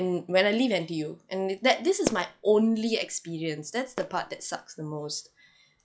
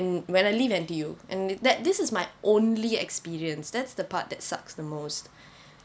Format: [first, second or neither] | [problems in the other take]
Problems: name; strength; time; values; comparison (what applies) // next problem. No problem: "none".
second | noise reduction (classical method log-MMSE)